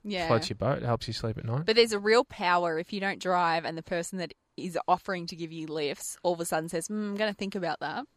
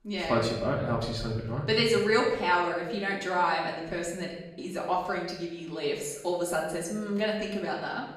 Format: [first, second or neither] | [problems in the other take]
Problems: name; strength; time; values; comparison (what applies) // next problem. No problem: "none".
first | room echo; noticeable; dies away in 0.9 s // off-mic speech; far